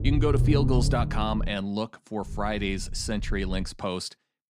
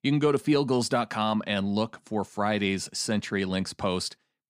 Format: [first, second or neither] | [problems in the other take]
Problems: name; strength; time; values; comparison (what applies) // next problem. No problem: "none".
second | low rumble; loud; until 1.5 s and from 2.5 to 3.5 s; 9 dB below the speech